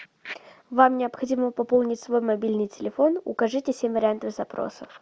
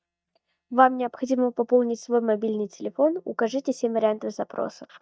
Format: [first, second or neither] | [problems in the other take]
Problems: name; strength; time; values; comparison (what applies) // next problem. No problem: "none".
first | noise reduction (neural mask model DeepFilterNet 3)